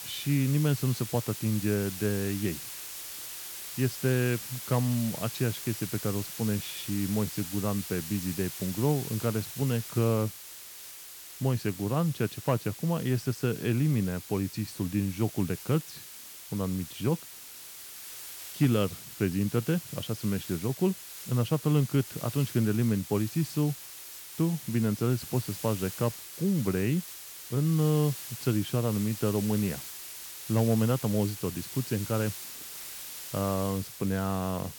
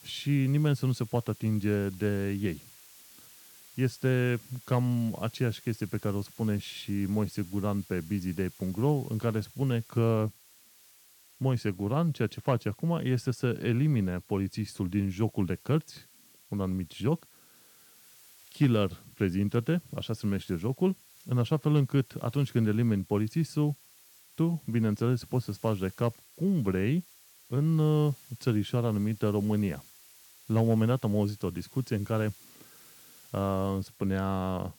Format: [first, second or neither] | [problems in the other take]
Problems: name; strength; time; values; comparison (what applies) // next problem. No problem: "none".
second | hiss; loud; throughout; 9 dB below the speech; faint in the second